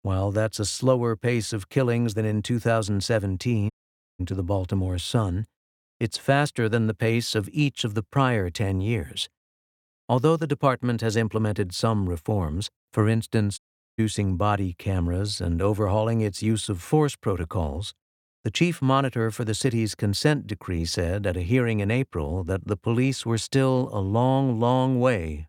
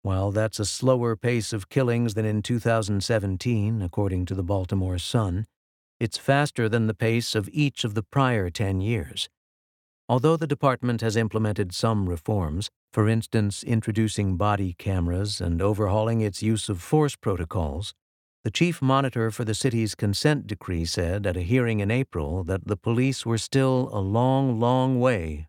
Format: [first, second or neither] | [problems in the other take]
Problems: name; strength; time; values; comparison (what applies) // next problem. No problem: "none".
second | audio cutting out; at 3.5 s and at 14 s